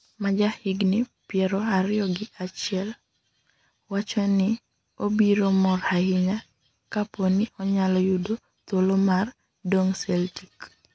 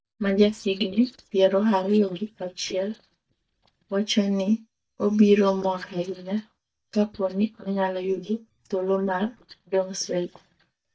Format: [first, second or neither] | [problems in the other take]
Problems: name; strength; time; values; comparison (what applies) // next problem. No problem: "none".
first | noise reduction (neural mask model DeepFilterNet 3)